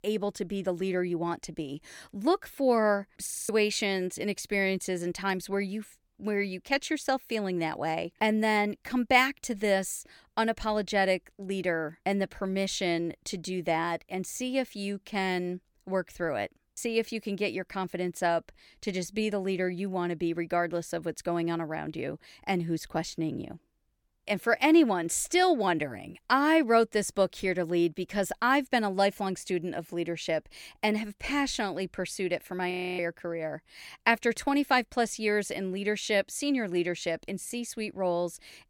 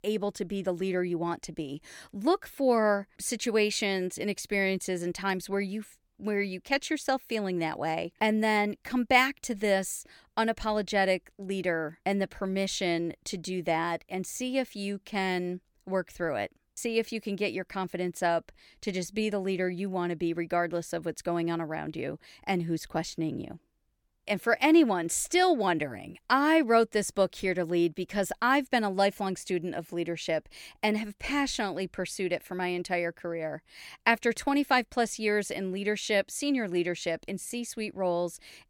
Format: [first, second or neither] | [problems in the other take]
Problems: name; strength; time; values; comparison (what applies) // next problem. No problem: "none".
second | audio freezing; at 3.5 s and at 33 s